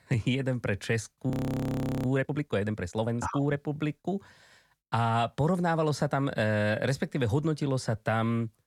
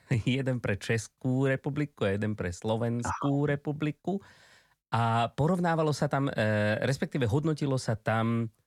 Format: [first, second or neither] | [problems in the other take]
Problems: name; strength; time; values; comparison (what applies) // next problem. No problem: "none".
second | audio freezing; at 1.5 s for 0.5 s